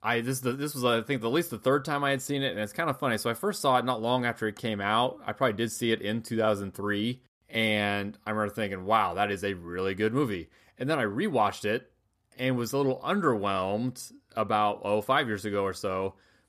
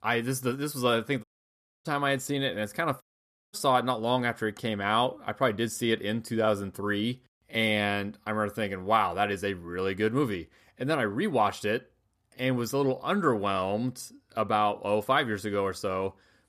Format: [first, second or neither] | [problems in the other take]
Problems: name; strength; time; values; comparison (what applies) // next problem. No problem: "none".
first | audio cutting out; at 1 s for 0.5 s and at 3 s for 0.5 s